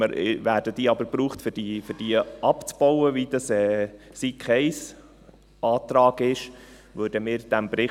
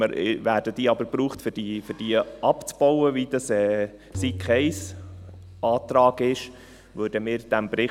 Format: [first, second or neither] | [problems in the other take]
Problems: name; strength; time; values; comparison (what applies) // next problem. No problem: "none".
first | background sound (Tabla); 14 dB below the speech